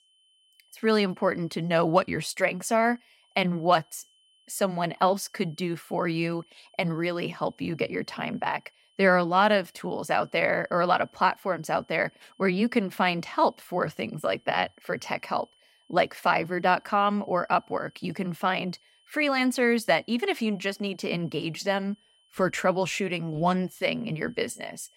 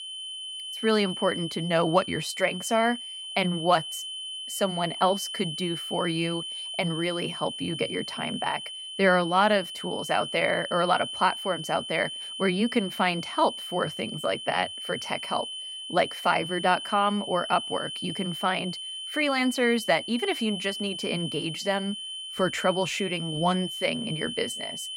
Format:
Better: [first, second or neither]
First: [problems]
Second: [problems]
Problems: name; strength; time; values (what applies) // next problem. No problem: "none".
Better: first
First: high-pitched whine; faint; throughout; 3 kHz, 35 dB below the speech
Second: high-pitched whine; loud; throughout; 3 kHz, 7 dB below the speech